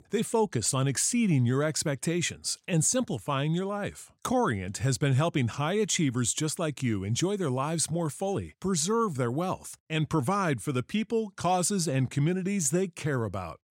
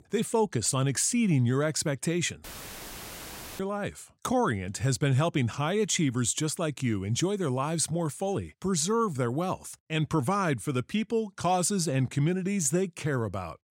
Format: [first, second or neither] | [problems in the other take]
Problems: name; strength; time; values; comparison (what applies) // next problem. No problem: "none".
first | audio cutting out; filled with static; at 2.5 s for 1 s